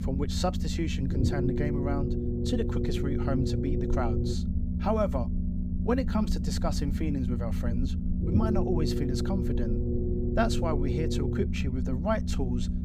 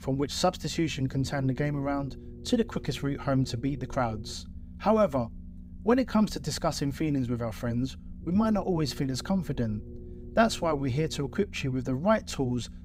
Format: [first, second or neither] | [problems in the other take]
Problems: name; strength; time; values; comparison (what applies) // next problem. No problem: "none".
second | low rumble; loud; throughout; 4 dB below the speech; faint in the second